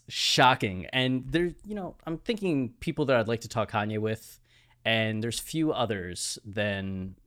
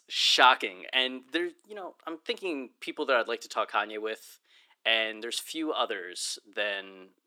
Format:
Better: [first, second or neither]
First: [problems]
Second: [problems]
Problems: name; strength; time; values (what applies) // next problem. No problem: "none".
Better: first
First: none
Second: thin; very; fading below 300 Hz